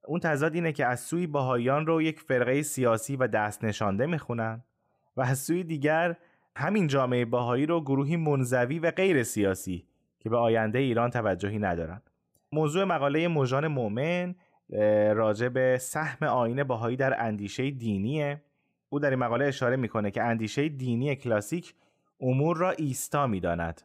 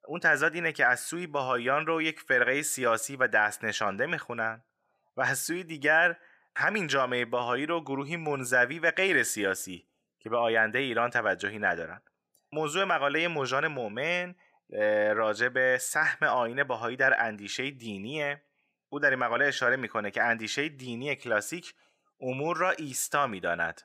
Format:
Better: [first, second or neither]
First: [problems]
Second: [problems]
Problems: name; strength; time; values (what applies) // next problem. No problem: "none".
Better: first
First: none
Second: thin; somewhat; fading below 650 Hz